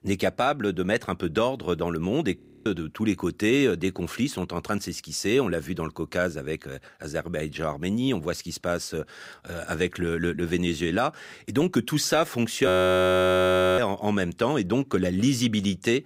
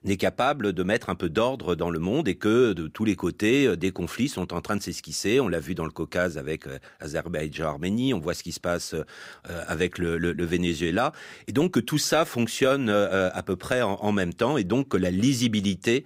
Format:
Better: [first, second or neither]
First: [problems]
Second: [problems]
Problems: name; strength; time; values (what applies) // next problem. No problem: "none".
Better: second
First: audio freezing; at 2.5 s and at 13 s for 1 s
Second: none